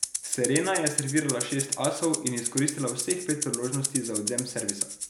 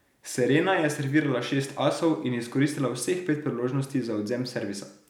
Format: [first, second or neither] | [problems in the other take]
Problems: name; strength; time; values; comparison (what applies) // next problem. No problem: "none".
second | background sound (Rattle (instrument)); 3 dB below the speech